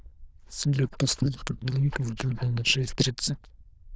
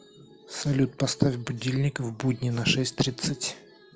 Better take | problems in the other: second | noise reduction (neural diffusion model UNIVERSE++)

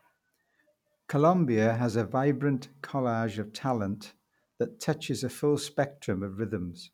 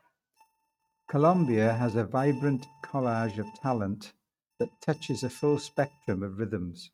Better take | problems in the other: first | noise reduction (neural mask model RNNoise)

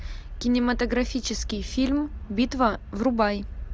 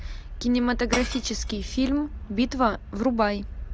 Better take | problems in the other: first | background sound (Shatter / Crushing); 13 dB below the speech

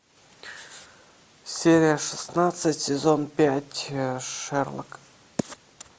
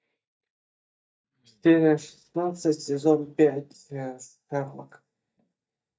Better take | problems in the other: first | noise reduction (neural mask model DeepFilterNet 3)

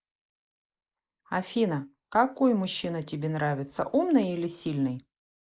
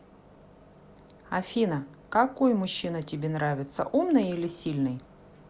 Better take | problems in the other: second | noise reduction (neural mask model Resemble Enhance denoiser)

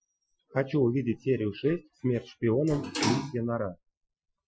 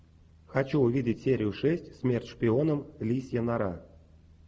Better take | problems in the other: second | noise reduction (classical method Wiener filter)

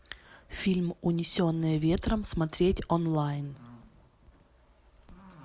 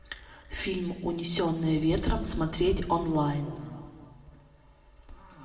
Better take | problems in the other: first | room echo; dies away in 1.8 s

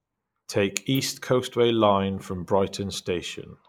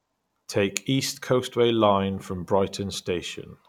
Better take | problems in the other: second | noise reduction (neural mask model Resemble Enhance denoiser)

